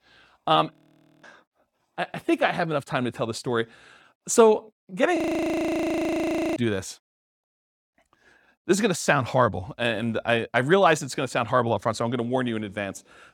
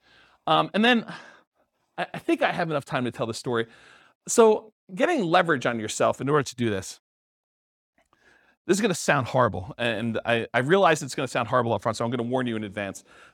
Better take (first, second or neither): second